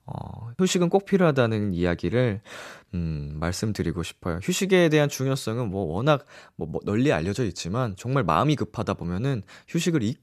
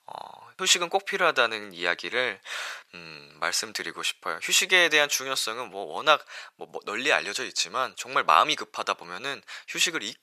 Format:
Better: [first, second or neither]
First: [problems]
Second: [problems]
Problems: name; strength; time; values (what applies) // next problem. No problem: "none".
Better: first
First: none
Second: thin; very; fading below 900 Hz